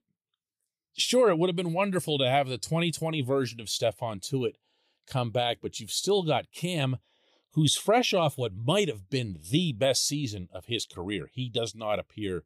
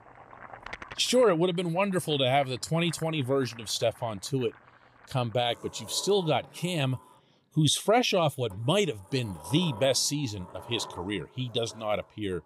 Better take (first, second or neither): first